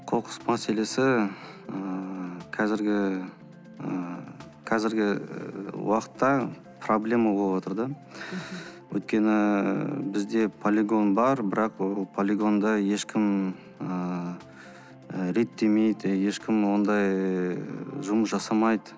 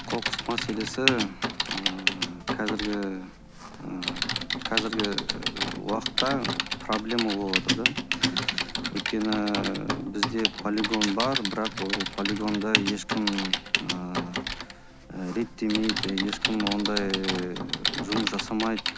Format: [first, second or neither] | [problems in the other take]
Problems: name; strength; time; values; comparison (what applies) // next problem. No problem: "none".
first | background sound (Typing); as loud as the speech